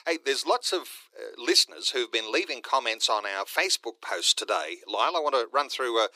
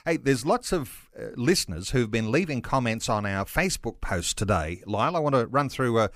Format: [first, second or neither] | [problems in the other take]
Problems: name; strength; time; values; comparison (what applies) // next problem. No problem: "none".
second | thin; very; fading below 350 Hz